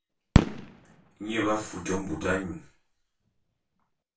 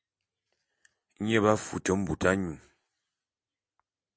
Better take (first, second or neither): second